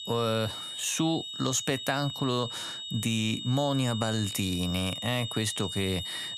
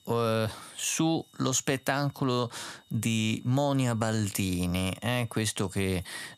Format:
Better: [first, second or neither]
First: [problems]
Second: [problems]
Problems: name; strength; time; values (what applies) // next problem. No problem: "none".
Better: second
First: high-pitched whine; loud; throughout; 3.5 kHz, 6 dB below the speech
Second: high-pitched whine; faint; throughout; 3.5 kHz, 30 dB below the speech